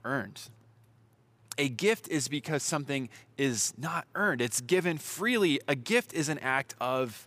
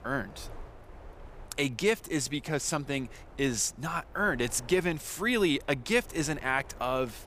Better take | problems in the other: first | wind noise on the microphone; occasional gusts; 25 dB below the speech

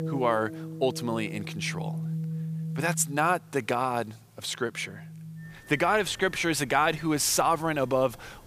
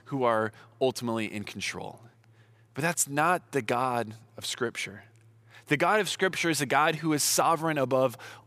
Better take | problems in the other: second | background music; loud; throughout; 10 dB below the speech

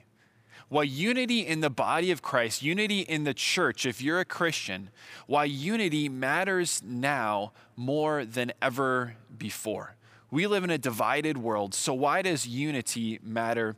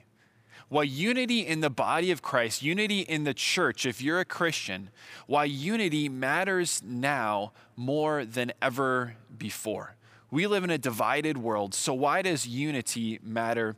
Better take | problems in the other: neither | none

